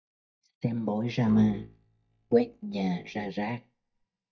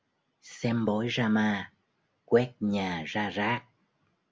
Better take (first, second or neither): second